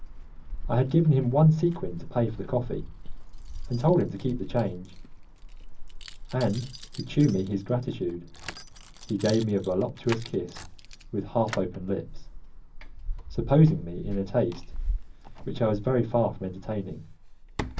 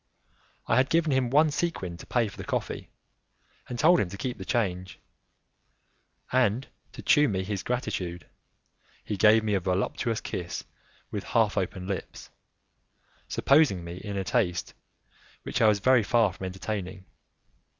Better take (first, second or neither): second